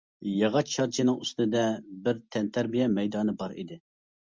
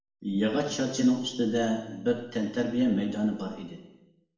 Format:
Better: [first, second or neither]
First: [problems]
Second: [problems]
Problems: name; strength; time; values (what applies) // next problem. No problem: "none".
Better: first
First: none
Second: room echo; dies away in 0.9 s